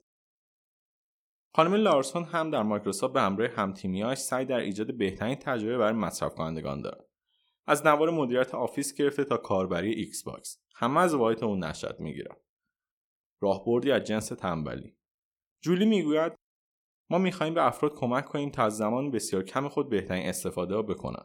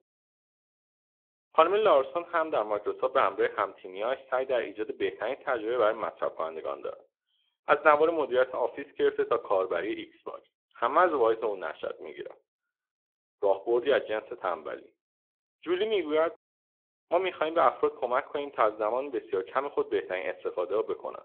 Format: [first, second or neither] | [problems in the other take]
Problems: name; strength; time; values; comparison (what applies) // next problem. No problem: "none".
first | phone-call audio